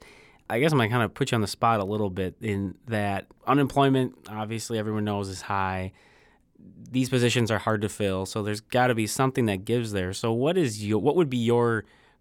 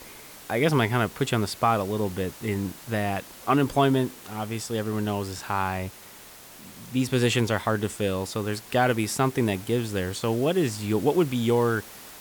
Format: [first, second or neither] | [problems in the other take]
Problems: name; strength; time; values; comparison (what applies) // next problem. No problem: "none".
first | hiss; noticeable; throughout; 15 dB below the speech